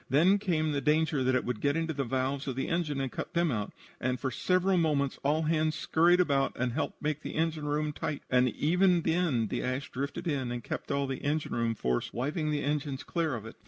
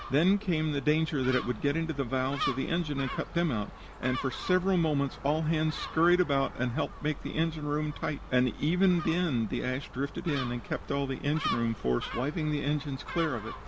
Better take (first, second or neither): first